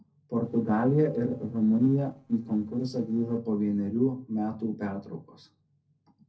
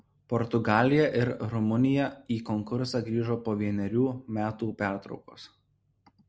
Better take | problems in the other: second | noise reduction (neural separator model SepFormer DNS4)

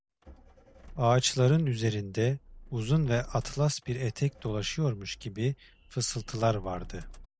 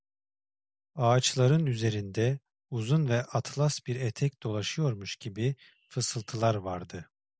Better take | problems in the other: second | background sound (Motor vehicle (road)); 18 dB below the speech

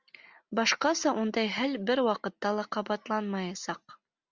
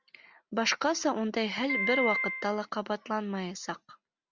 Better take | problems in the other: first | background sound (Piano); as loud as the speech

